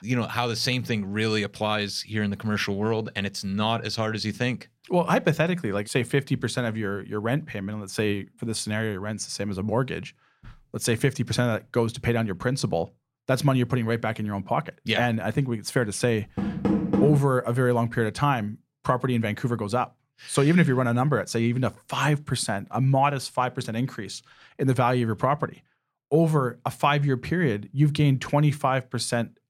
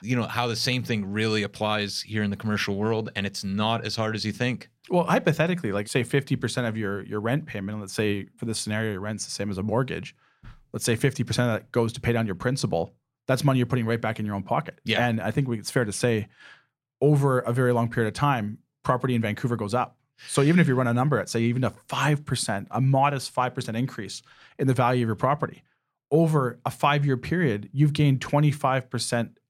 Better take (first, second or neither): second